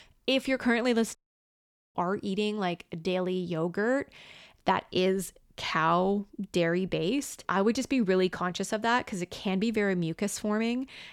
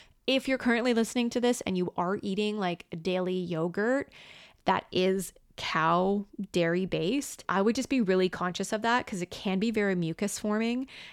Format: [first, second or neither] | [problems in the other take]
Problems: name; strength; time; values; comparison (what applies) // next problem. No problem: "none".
second | audio cutting out; at 1 s for 1 s